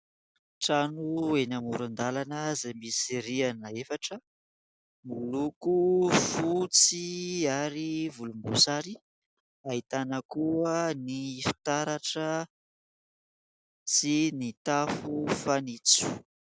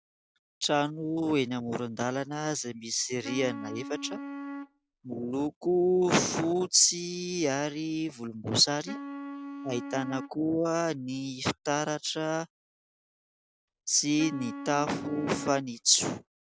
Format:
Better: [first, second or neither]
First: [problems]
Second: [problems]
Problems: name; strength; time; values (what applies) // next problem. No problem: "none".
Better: first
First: none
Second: background sound (Wind instrument, woodwind instrument); 11 dB below the speech